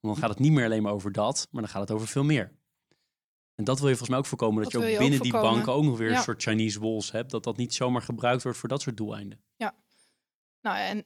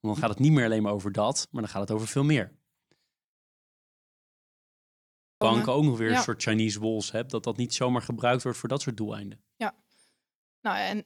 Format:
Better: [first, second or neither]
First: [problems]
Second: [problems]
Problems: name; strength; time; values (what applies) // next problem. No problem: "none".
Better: first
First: none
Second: audio freezing; at 3.5 s for 2 s